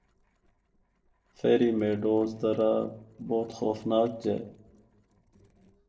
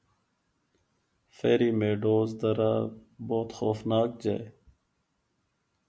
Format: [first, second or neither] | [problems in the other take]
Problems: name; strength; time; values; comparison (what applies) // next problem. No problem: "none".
second | noise reduction (neural separator model SepFormer DNS4)